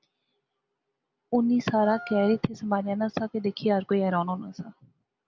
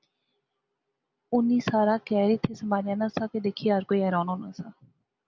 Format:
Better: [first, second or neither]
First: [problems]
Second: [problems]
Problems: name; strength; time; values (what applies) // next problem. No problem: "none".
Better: second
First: background sound (Wind instrument, woodwind instrument); 14 dB below the speech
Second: none